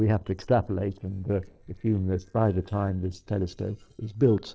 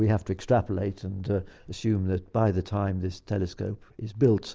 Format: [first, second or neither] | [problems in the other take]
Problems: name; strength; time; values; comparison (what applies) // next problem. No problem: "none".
second | noise reduction (neural separator model SepFormer DNS4)